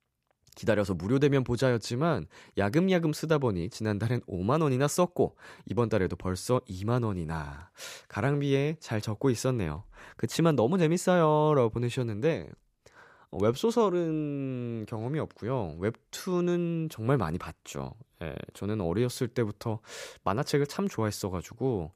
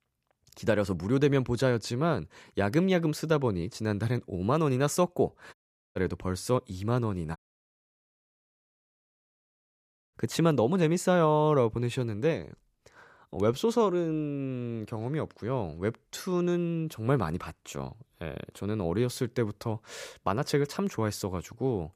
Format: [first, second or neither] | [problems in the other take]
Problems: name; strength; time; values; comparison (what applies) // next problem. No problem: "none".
first | audio cutting out; at 5.5 s and at 7.5 s for 3 s